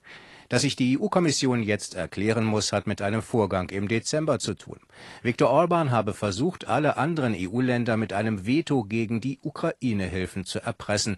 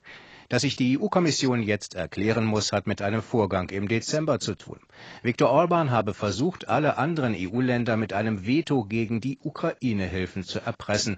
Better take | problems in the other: first | garbled, watery; badly; nothing above 7.5 kHz; slightly in the first

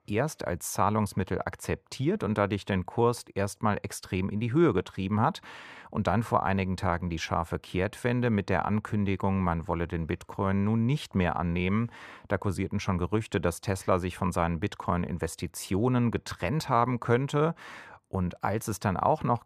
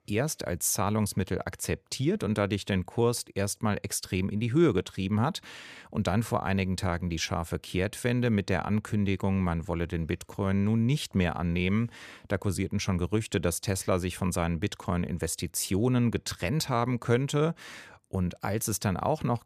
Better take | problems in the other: second | muffled; slightly; fading above 3.5 kHz

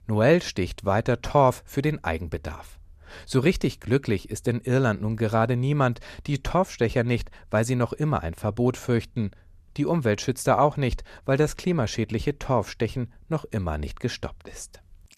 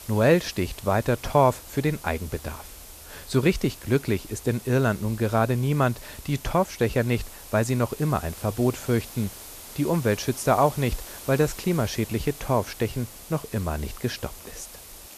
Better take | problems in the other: first | hiss; noticeable; throughout; 15 dB below the speech

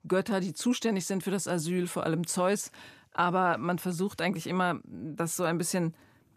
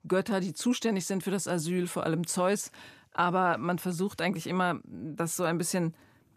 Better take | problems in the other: neither | none

